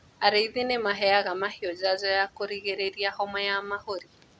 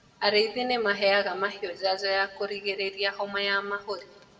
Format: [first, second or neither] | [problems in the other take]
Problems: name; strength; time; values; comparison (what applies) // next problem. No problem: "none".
first | room echo; dies away in 1.2 s